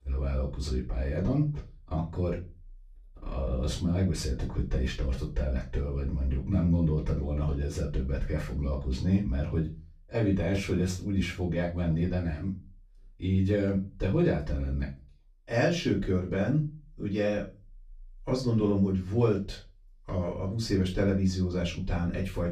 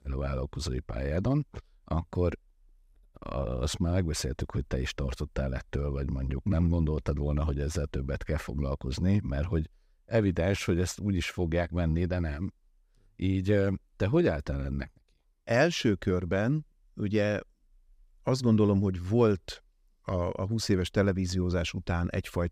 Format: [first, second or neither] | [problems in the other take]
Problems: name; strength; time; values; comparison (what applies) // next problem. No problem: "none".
second | off-mic speech; far // room echo; slight; dies away in 0.3 s